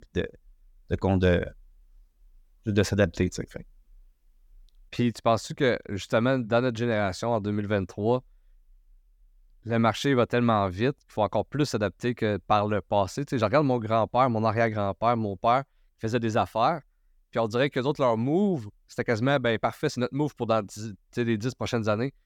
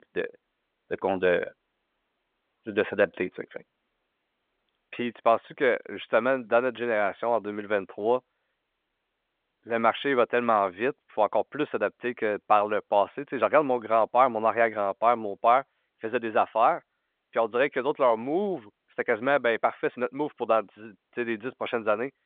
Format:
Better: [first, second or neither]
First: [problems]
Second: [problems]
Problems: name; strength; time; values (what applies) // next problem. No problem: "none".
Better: first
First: none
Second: phone-call audio; nothing above 3.5 kHz